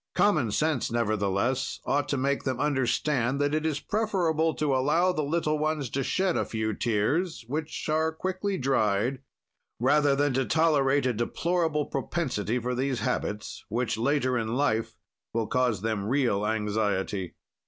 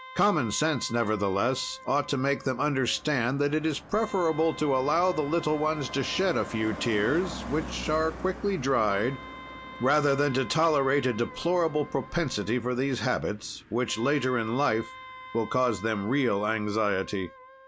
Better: first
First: none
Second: background sound (Car passing by + Wind instrument, woodwind instrument); 15 dB below the speech

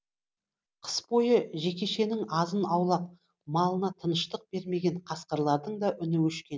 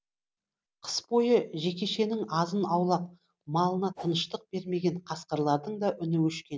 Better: first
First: none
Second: background sound (Whoosh, swoosh, swish); 14 dB below the speech

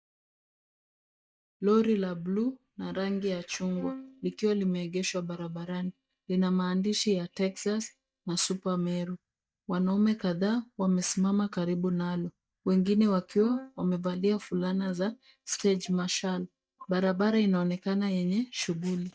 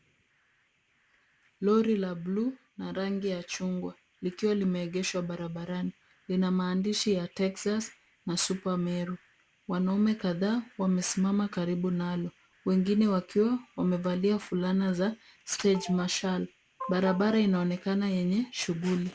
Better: second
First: noise reduction (neural mask model DeepFilterNet 3)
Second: none

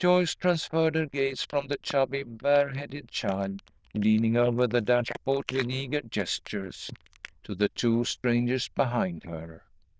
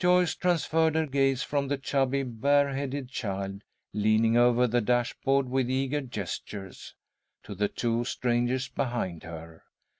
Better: second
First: noise reduction (neural diffusion model UNIVERSE++)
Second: none

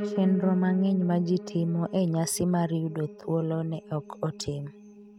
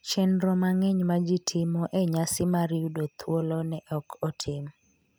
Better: second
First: noise reduction (neural mask model RNNoise)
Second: none

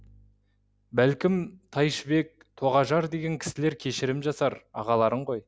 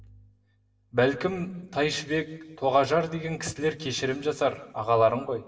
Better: first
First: none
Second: room echo; dies away in 1.1 s

